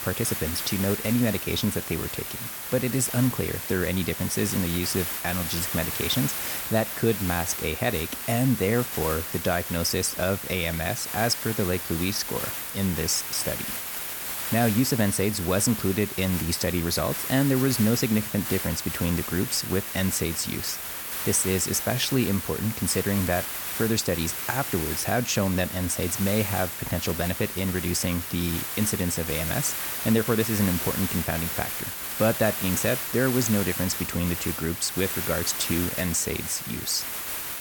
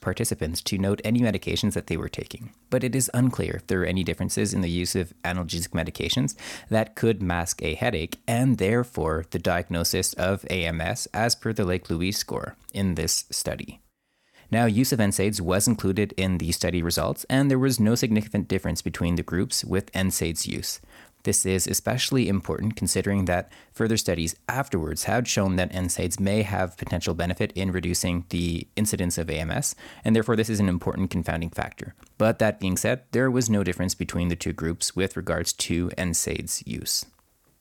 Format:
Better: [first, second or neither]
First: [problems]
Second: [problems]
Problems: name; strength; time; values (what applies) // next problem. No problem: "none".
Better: second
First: hiss; loud; throughout; 4 dB below the speech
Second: none